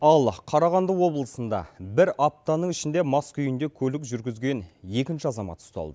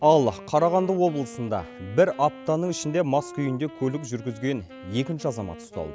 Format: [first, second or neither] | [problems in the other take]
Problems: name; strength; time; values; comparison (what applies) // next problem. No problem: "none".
first | background sound (Wind instrument, woodwind instrument); 17 dB below the speech